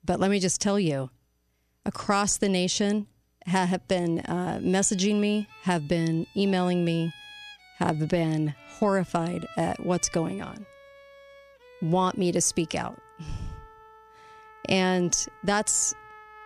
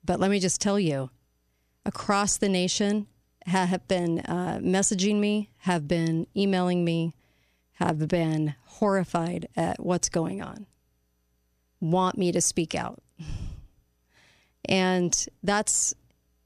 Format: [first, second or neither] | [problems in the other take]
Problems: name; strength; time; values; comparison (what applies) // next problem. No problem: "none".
second | background music; faint; from 4.5 s on; 25 dB below the speech